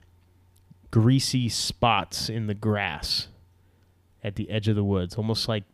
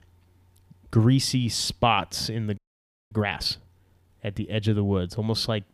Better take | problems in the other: first | audio freezing; at 2.5 s for 0.5 s

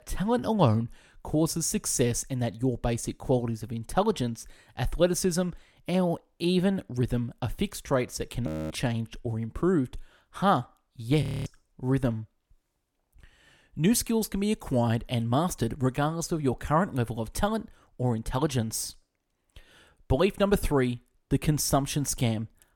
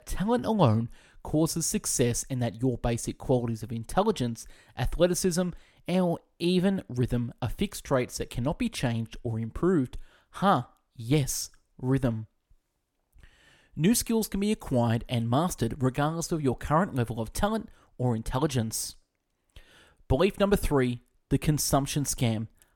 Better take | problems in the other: second | audio freezing; at 8.5 s and at 11 s

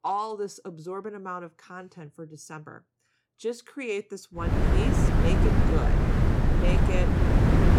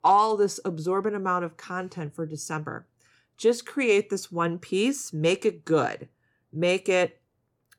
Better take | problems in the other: second | wind noise on the microphone; heavy; from 4.5 s on; 4 dB above the speech

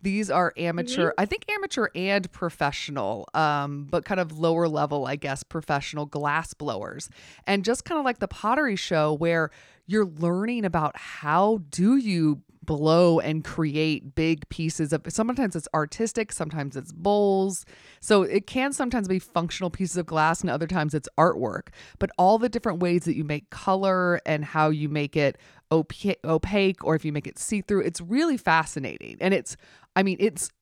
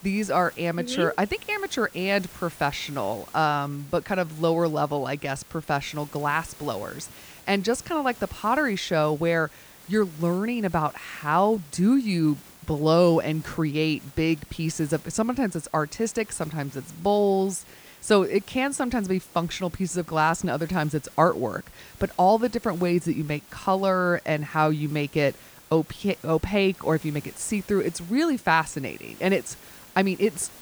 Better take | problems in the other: first | hiss; faint; throughout; 20 dB below the speech

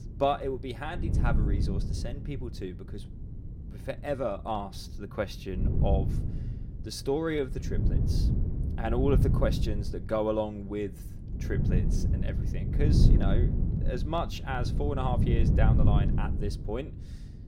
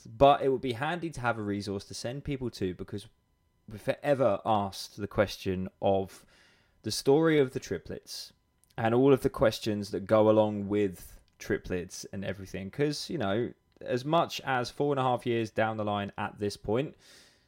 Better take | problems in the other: second | wind noise on the microphone; heavy; 7 dB below the speech

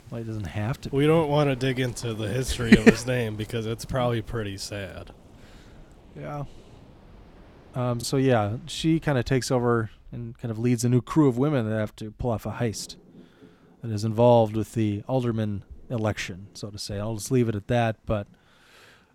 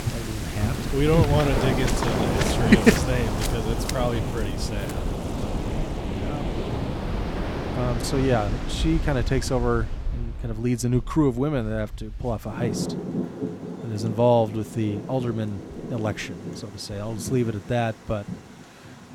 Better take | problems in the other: first | rain or running water; loud; throughout; 3 dB below the speech; faint in the first

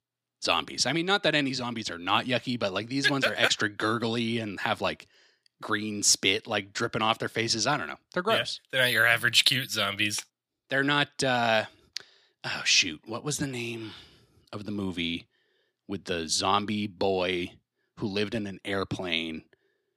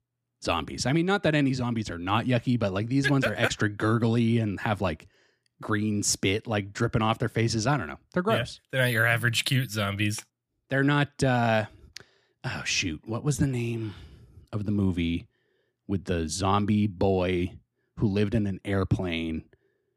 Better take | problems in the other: second | thin; somewhat; fading below 950 Hz

